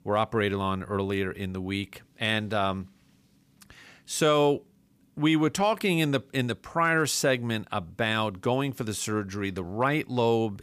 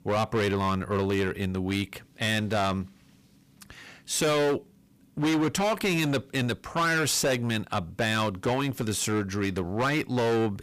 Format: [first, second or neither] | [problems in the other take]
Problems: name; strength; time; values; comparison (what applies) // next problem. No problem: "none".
first | distortion; heavy; 16% of the sound clipped